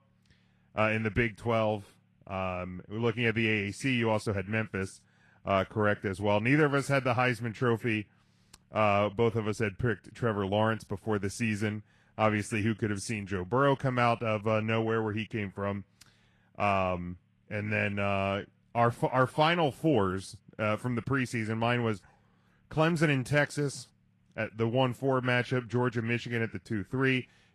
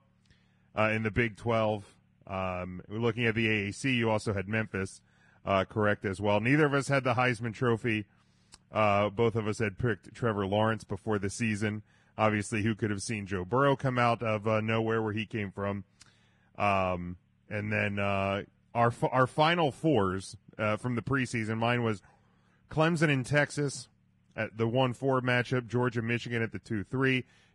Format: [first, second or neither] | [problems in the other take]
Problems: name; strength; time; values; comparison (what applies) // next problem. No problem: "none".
first | garbled, watery; badly; nothing above 10 kHz; slightly in the first